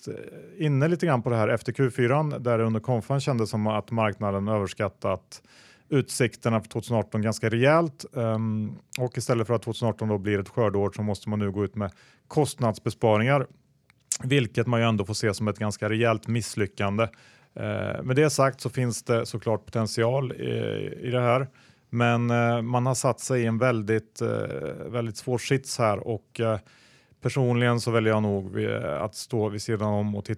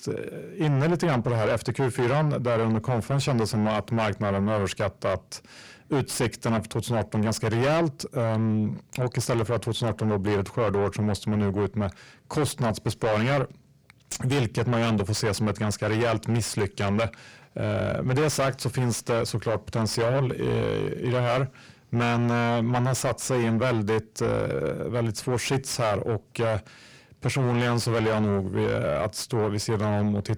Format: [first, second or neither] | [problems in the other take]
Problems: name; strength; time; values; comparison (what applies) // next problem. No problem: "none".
first | distortion; heavy; 6 dB below the speech